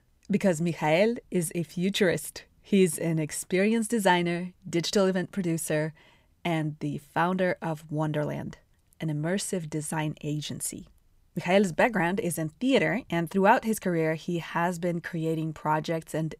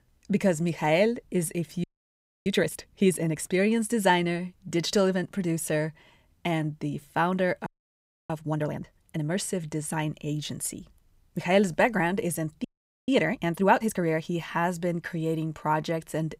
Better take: first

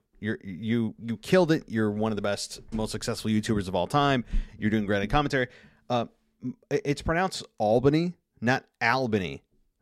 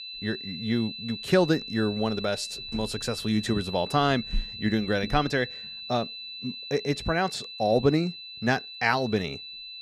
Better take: first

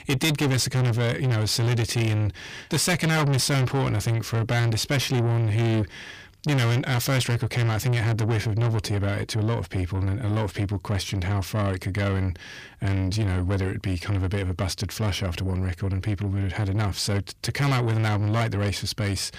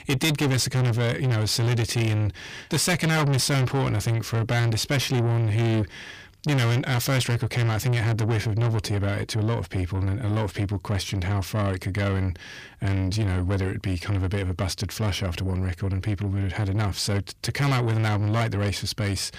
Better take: neither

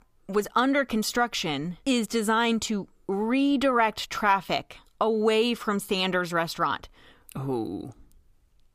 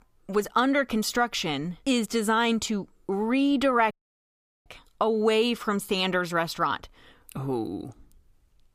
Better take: first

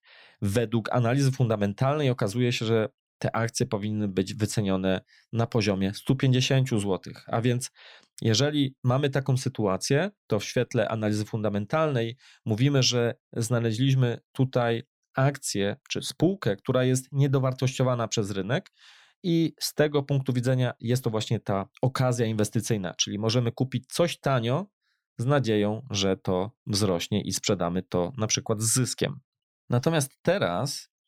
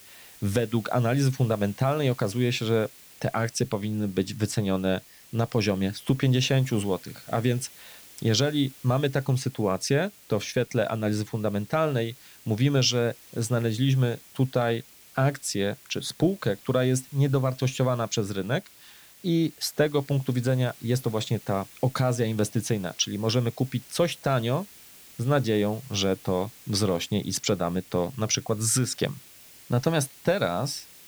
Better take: first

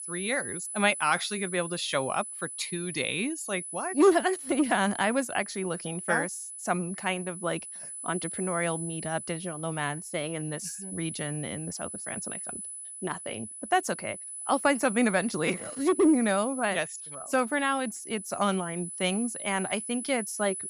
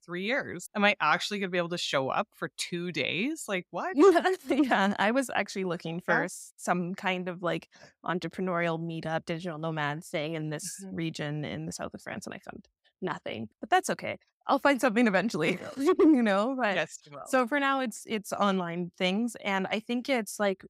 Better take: second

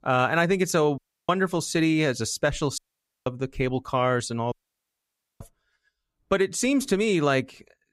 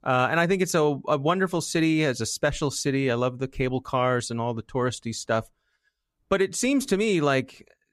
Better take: second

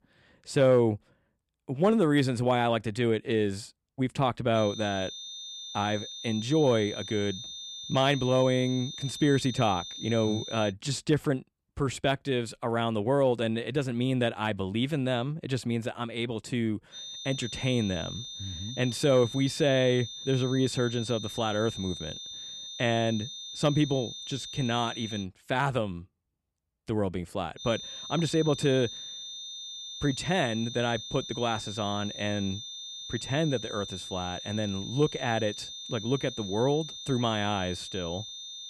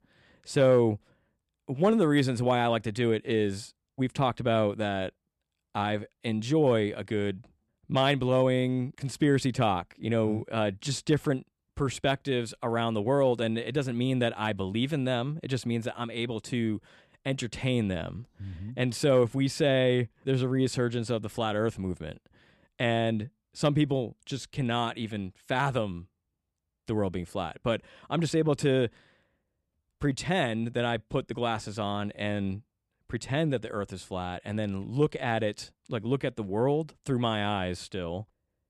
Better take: second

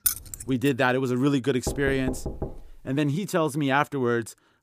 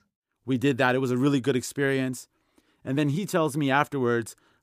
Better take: second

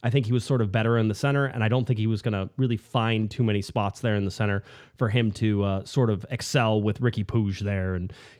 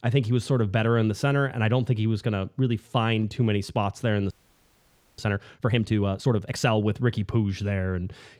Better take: first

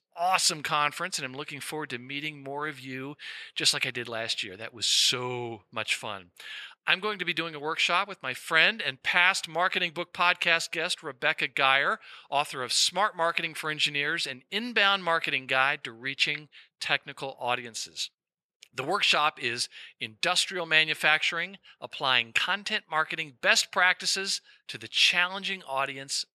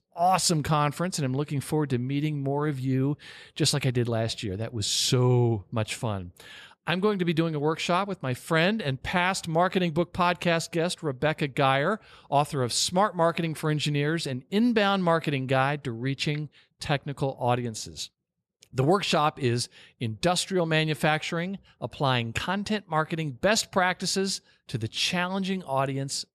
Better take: second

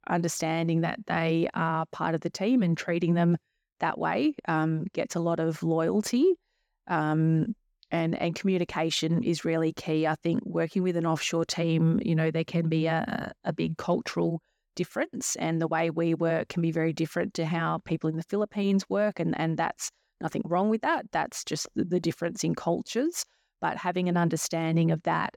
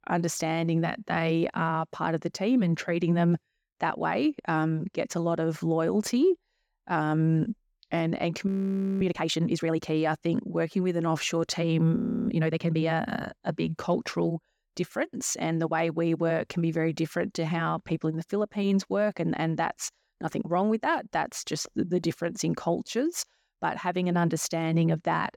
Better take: first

